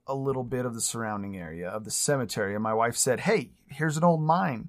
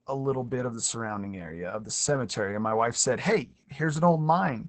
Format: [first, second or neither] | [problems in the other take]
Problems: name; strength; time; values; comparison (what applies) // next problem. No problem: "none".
first | garbled, watery; badly; nothing above 8 kHz